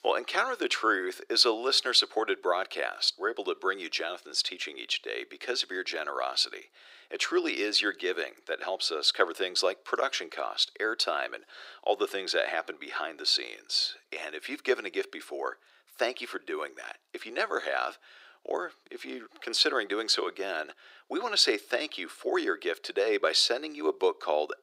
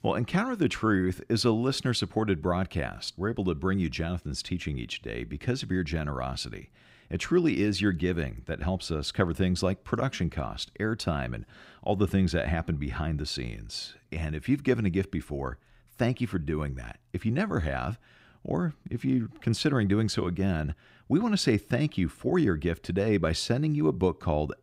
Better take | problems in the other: second | thin; very; fading below 400 Hz

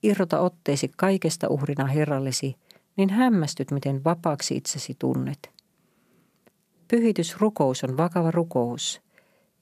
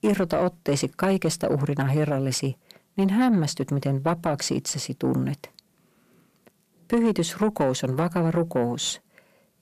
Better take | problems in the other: first | distortion; slight; 10 dB below the speech

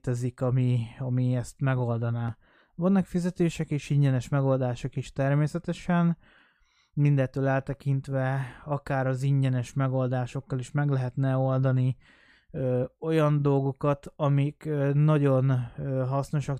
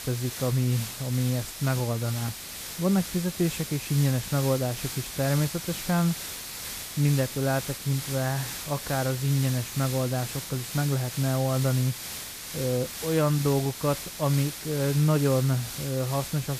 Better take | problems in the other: first | hiss; loud; throughout; 7 dB below the speech

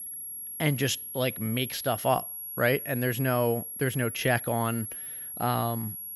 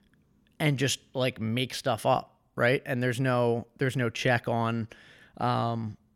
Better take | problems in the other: second | high-pitched whine; loud; throughout; 11.5 kHz, 7 dB below the speech

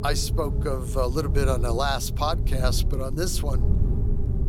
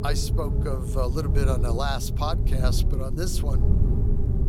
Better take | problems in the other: first | wind noise on the microphone; heavy; 6 dB below the speech; occasional gusts in the first

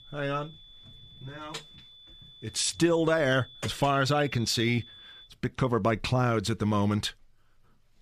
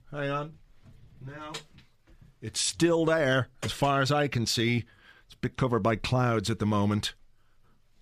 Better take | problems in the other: second | high-pitched whine; faint; until 5.5 s; 3.5 kHz, 20 dB below the speech

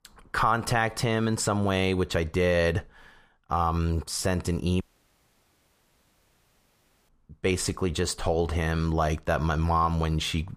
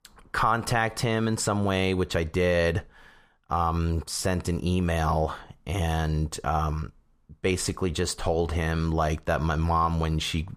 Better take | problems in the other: second | audio cutting out; at 5 s for 2.5 s

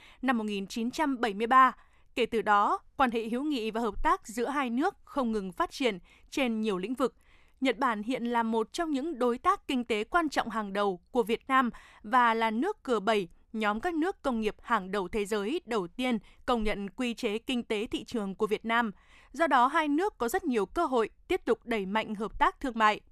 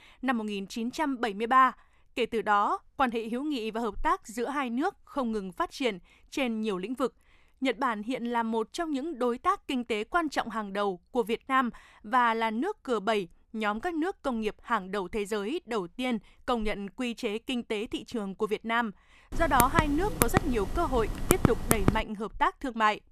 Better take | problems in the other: first | keyboard typing; loud; from 19 to 22 s; peak 3 dB above the speech

